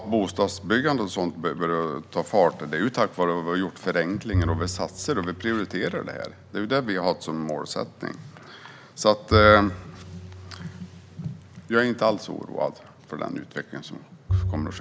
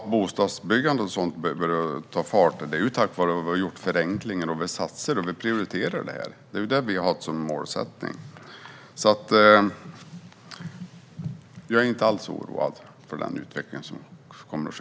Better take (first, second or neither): second